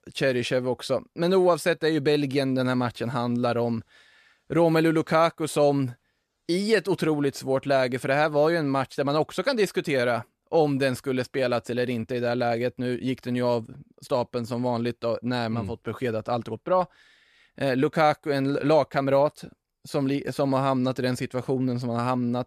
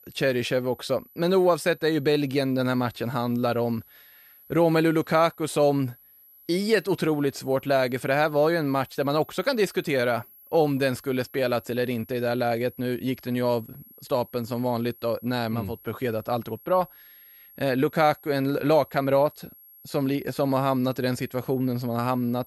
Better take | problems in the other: first | high-pitched whine; faint; throughout; 11.5 kHz, 25 dB below the speech

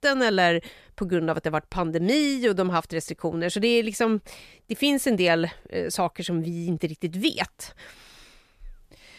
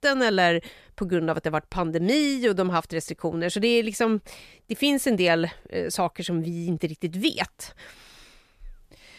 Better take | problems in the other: neither | none

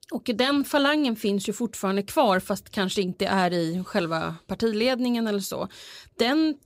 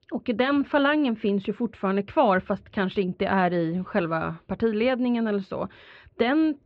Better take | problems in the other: first | muffled; very; fading above 2.5 kHz

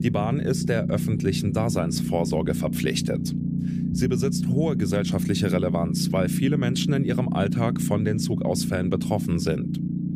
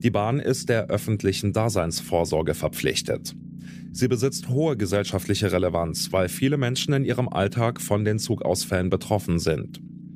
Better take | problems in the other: second | low rumble; loud; throughout; 5 dB below the speech; faint in the second

